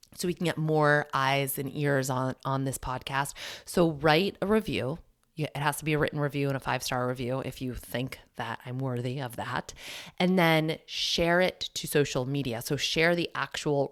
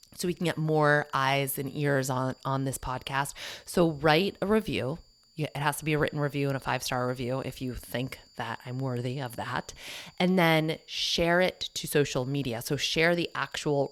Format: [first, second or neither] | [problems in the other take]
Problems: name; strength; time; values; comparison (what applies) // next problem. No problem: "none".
first | high-pitched whine; faint; throughout; 4.5 kHz, 30 dB below the speech